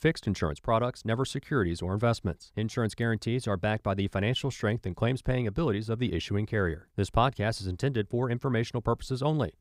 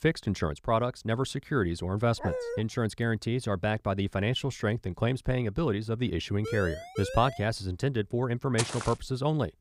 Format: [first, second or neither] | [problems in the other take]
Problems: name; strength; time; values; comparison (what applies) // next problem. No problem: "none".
first | dog barking; noticeable; at 2 s; peak 4 dB below the speech // siren; noticeable; from 6.5 to 7.5 s; peak 8 dB below the speech // footsteps; noticeable; at 8.5 s; peak 4 dB below the speech